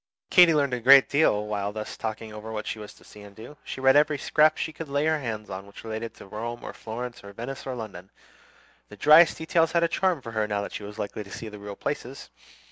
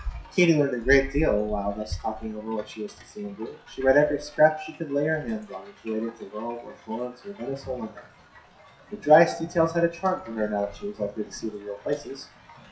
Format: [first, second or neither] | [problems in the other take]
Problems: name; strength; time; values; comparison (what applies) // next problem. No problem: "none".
first | noise reduction (classical method WPE with log-MMSE)